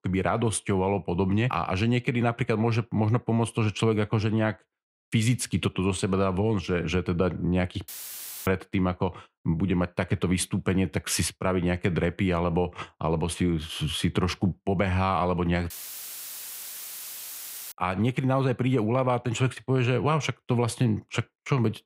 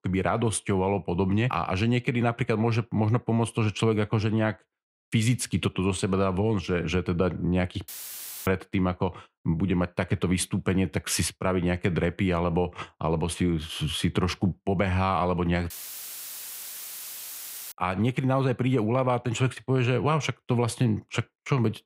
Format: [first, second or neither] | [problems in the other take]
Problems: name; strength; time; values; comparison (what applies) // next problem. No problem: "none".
neither | audio cutting out; filled with static; at 8 s for 0.5 s and at 16 s for 2 s; the same in both